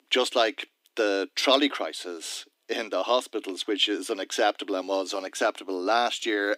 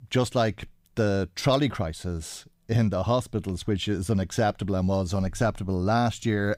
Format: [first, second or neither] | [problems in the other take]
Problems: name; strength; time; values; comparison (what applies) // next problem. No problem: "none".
second | thin; somewhat; fading below 300 Hz